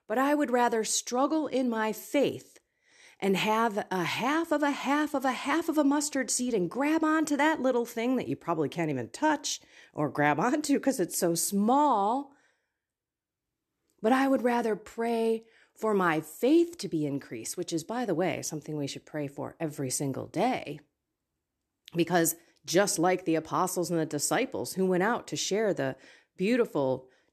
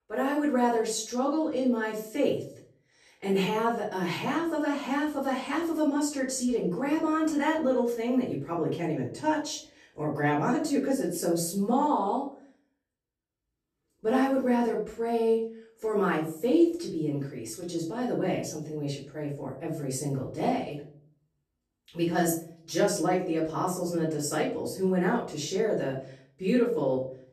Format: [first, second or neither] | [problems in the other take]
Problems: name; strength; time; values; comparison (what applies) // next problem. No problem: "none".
first | off-mic speech; far // room echo; slight; dies away in 0.4 s